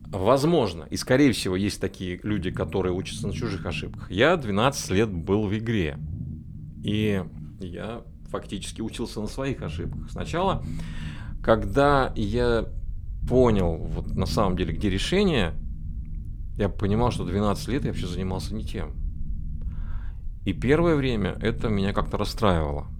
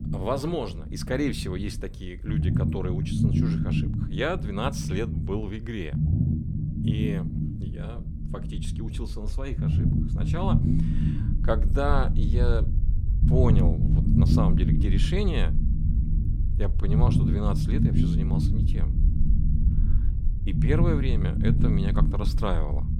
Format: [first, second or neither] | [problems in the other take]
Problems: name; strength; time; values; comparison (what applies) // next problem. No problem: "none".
first | low rumble; loud; throughout; 3 dB below the speech; faint in the first